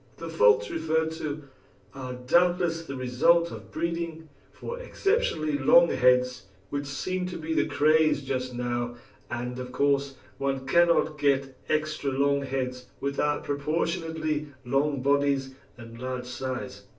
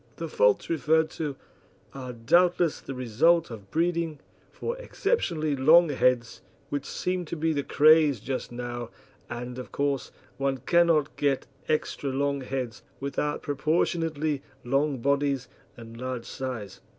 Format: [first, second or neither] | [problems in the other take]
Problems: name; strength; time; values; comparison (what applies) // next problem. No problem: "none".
second | room echo; dies away in 0.3 s